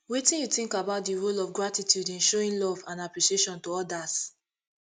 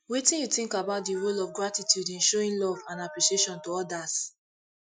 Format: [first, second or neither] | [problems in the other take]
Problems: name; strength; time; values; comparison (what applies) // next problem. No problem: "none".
first | noise reduction (classical method Wiener filter)